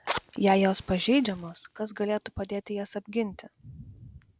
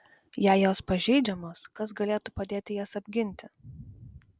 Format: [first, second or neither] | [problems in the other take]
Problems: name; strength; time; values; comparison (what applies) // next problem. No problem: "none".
second | background sound (Fire); 15 dB below the speech